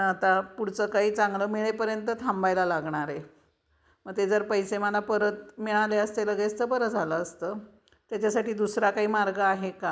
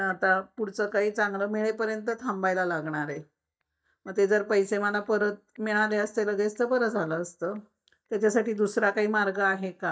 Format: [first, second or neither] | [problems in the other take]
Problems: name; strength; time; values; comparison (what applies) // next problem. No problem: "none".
first | noise reduction (neural mask model DeepFilterNet 3)